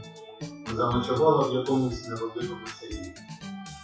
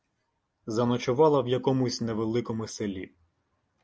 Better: second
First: noise reduction (classical method WPE with log-MMSE)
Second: none

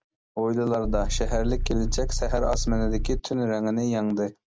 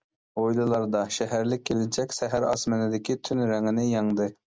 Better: second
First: background sound (Idling / Car); 1 dB above the speech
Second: none

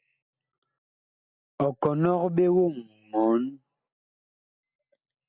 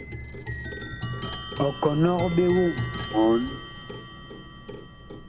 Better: first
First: none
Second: background sound (Clock); 8 dB below the speech // room echo; dies away in 1.8 s

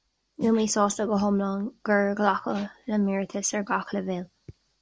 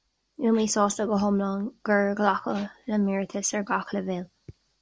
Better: second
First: background sound (Snare drum); 19 dB below the speech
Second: none

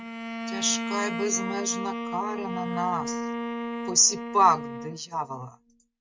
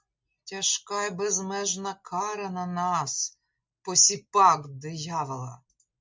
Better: second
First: noise reduction (neural mask model RNNoise)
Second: none

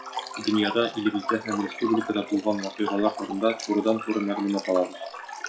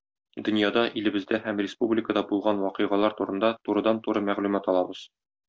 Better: second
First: noise reduction (classical method log-MMSE)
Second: none

